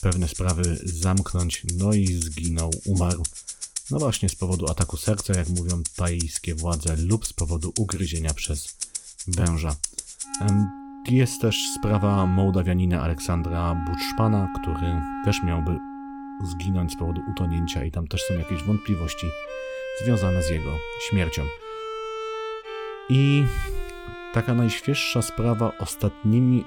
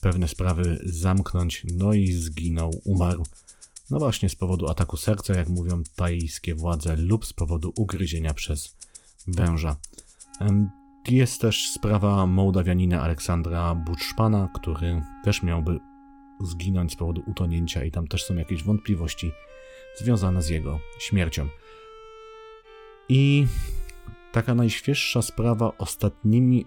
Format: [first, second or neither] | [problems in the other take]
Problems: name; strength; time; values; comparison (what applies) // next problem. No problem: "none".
second | background music; loud; throughout; 8 dB below the speech; faint in the second